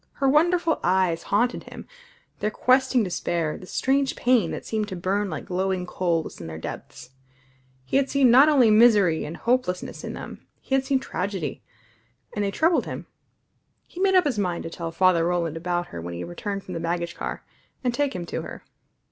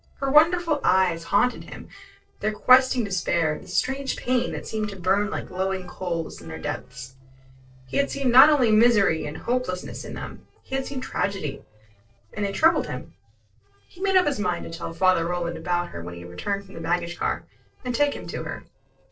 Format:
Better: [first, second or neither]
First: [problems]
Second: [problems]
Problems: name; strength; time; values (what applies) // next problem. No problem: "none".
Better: first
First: none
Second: noise reduction (neural separator model SepFormer DNS4)